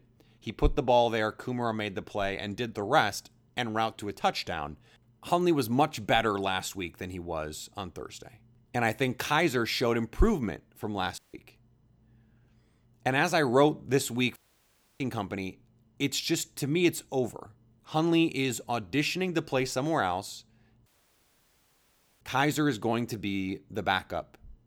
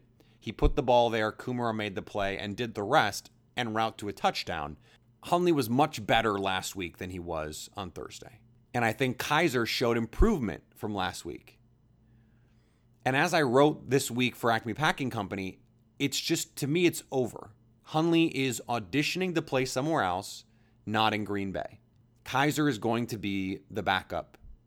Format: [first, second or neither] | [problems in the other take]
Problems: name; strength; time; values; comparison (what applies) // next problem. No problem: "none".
second | audio cutting out; at 11 s, at 14 s for 0.5 s and at 21 s for 1.5 s